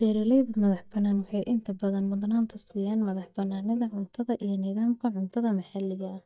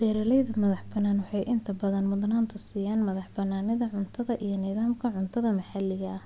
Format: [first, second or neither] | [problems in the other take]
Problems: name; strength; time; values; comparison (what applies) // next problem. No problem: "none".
second | noise reduction (neural mask model DeepFilterNet 3)